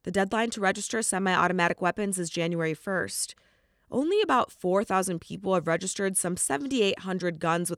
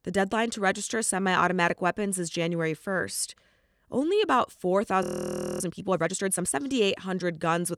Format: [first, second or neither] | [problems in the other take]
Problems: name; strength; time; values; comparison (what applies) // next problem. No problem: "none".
first | audio freezing; at 5 s for 0.5 s